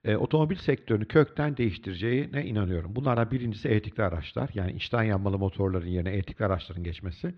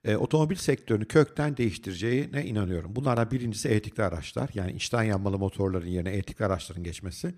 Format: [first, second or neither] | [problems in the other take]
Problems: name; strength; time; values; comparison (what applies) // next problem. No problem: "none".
second | muffled; slightly; fading above 4 kHz